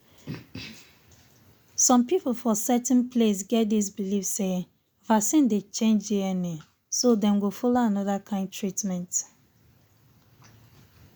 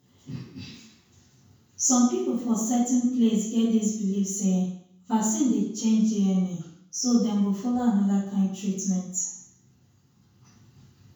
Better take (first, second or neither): first